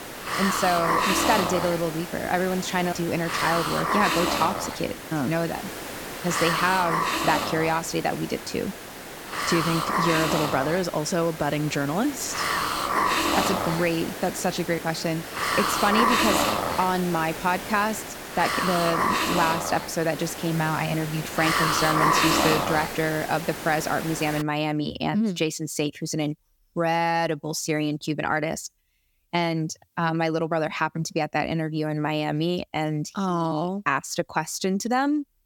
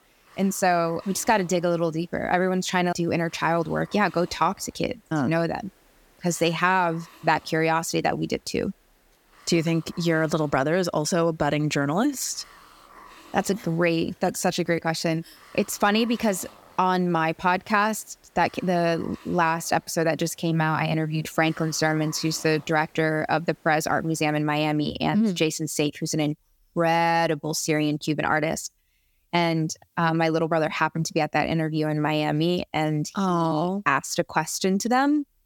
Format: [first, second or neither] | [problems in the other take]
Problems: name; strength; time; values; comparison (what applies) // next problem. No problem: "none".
second | hiss; loud; until 24 s; as loud as the speech; faint in the second